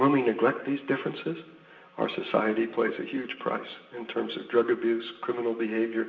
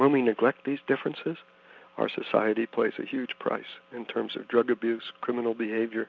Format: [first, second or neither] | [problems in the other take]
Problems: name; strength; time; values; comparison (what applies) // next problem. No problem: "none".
second | room echo; dies away in 0.9 s